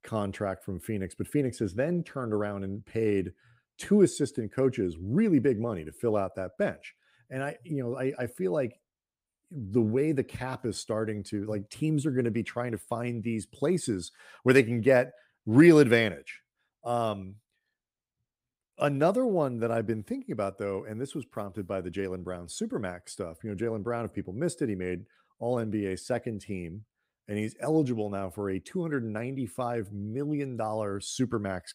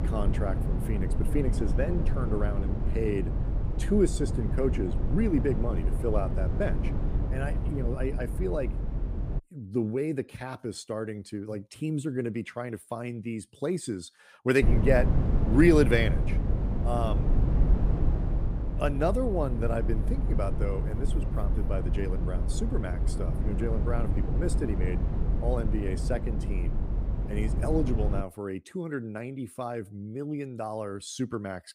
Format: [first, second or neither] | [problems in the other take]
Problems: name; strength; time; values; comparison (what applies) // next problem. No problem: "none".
first | low rumble; loud; until 9.5 s and from 15 to 28 s; 8 dB below the speech